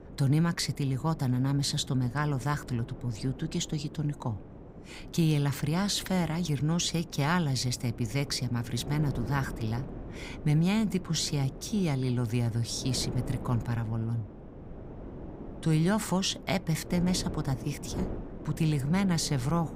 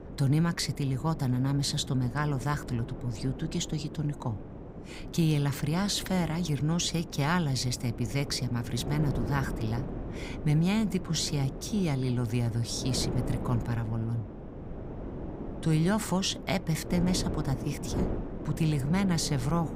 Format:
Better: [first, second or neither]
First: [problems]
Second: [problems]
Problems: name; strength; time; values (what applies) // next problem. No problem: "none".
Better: first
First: wind noise on the microphone; occasional gusts; 15 dB below the speech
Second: wind noise on the microphone; heavy; 9 dB below the speech